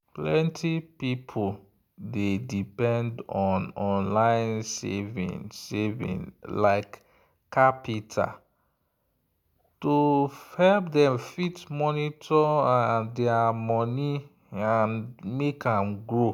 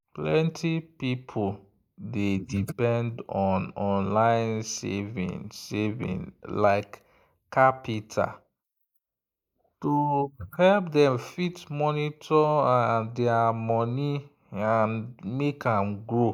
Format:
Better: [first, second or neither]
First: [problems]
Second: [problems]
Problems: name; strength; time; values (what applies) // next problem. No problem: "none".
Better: first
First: none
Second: noise reduction (neural mask model Resemble Enhance denoiser)